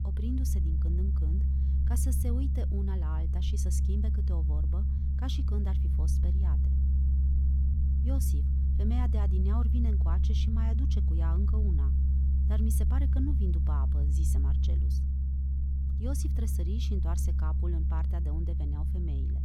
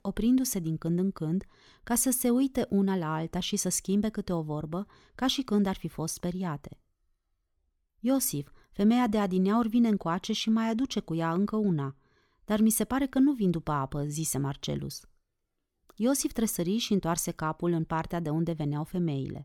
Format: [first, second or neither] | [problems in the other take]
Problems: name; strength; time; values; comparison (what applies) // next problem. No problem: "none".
second | low rumble; loud; throughout; 1 dB below the speech